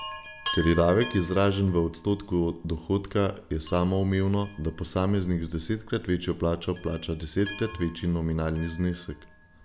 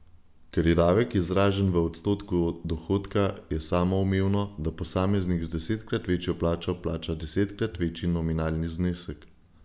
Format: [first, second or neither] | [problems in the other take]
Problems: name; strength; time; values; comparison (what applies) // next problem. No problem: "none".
second | background sound (Chime); 16 dB below the speech